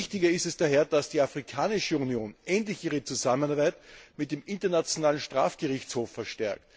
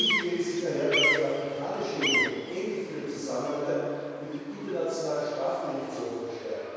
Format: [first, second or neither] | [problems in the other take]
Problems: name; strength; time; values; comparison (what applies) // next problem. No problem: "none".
first | background sound (Bird vocalization, bird call, bird song); 3 dB below the speech // room echo; dies away in 2.2 s